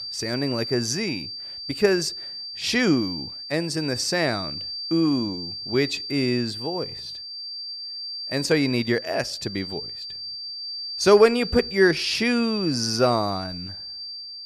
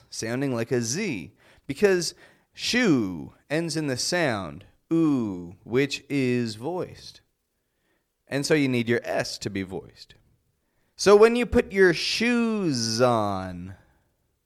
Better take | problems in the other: second | high-pitched whine; loud; throughout; 4.5 kHz, 8 dB below the speech

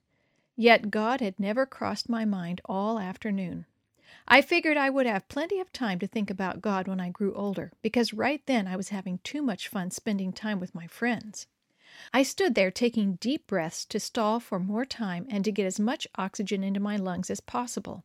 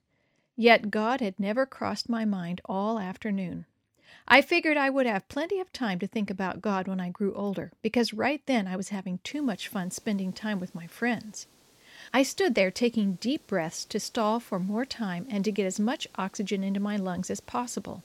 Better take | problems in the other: first | hiss; faint; from 9.5 s on; 30 dB below the speech

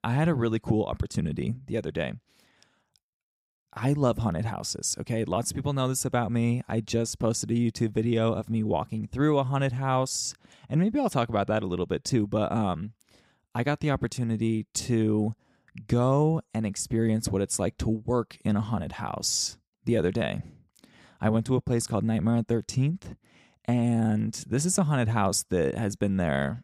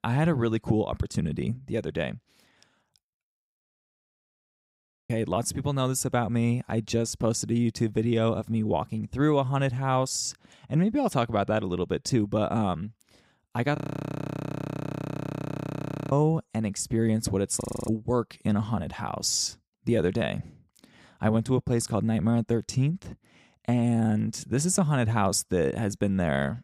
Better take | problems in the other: first | audio freezing; at 3.5 s for 1.5 s, at 14 s for 2.5 s and at 18 s

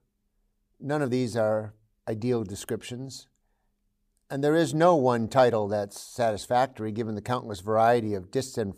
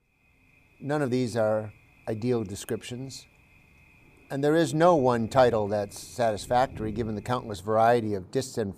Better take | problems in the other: first | rain or running water; faint; throughout; 25 dB below the speech

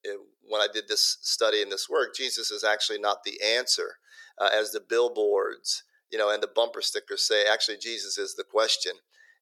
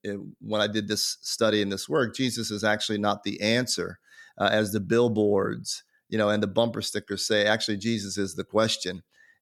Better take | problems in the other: second | thin; very; fading below 400 Hz

